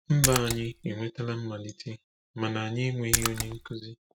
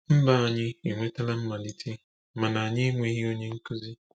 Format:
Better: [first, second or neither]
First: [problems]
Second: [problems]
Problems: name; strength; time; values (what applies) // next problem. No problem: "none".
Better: second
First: background sound (Splash, splatter); as loud as the speech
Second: none